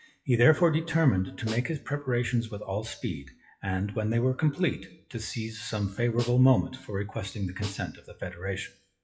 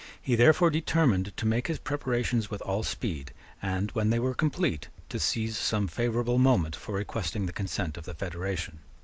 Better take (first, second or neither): second